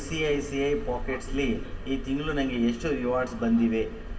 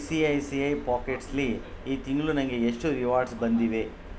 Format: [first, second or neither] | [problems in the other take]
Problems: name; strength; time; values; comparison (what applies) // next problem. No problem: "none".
second | room echo; dies away in 1.9 s